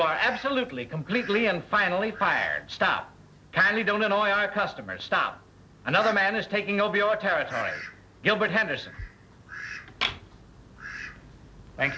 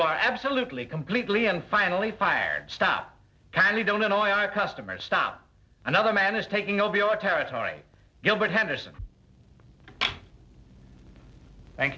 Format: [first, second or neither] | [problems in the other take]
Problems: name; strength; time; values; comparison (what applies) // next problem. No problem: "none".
second | background sound (Fowl); 16 dB below the speech